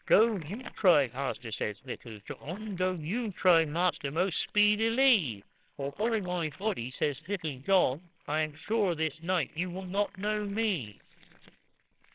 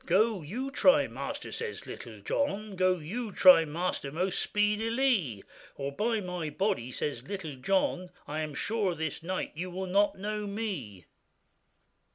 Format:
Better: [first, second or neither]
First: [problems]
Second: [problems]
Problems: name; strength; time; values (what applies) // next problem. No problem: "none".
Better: second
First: noise reduction (neural separator model SepFormer WHAMR!)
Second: none